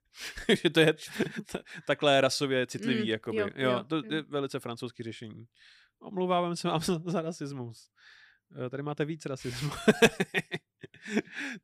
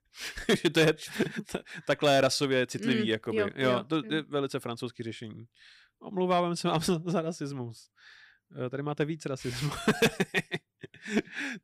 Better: first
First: none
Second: distortion; slight; 1.5% of the sound clipped

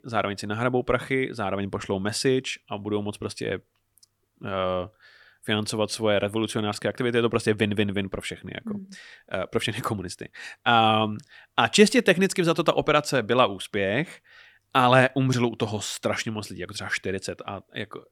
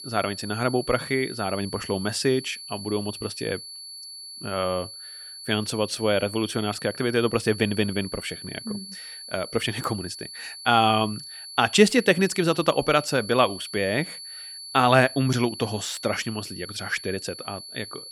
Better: first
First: none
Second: high-pitched whine; noticeable; throughout; 4.5 kHz, 10 dB below the speech

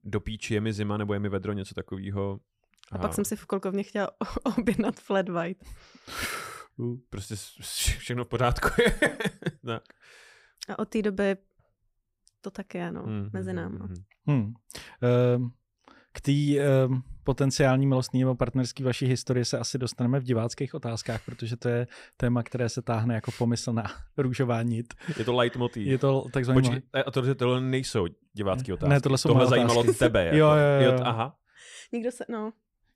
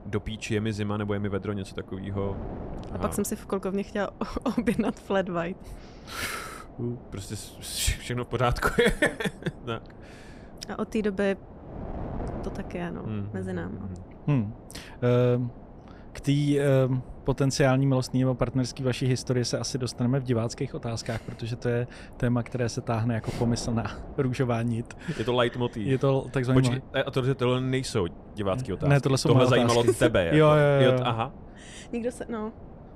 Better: first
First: none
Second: wind noise on the microphone; occasional gusts; 20 dB below the speech

